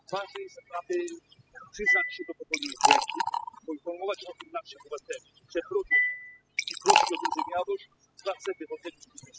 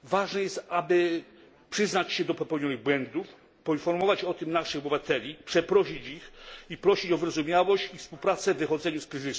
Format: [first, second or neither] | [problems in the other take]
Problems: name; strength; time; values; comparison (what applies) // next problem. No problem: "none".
second | noise reduction (classical method spectral subtraction)